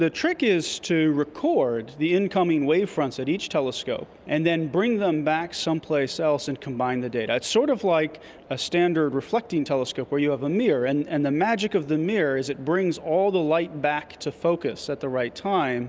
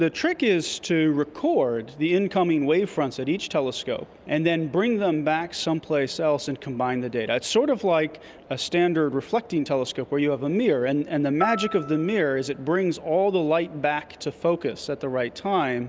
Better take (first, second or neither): first